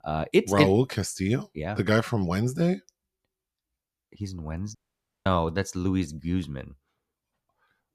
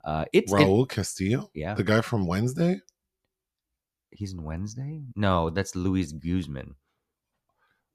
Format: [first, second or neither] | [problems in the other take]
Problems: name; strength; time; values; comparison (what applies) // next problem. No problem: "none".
second | audio cutting out; at 5 s for 0.5 s